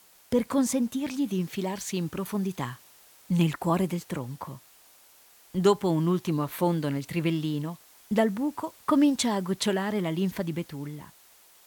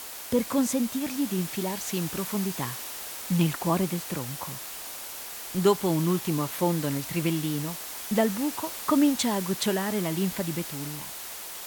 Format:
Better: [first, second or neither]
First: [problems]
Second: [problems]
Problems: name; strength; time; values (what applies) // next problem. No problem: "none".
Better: first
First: hiss; faint; throughout; 25 dB below the speech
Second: hiss; loud; throughout; 7 dB below the speech